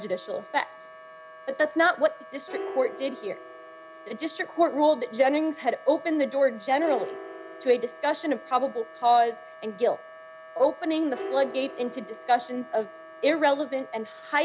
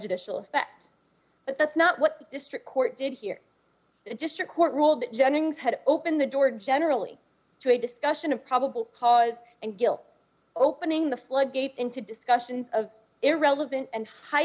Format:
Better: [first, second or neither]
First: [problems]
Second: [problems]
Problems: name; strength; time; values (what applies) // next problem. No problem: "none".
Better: second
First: background sound (Wind instrument, woodwind instrument + Piano); 15 dB below the speech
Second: none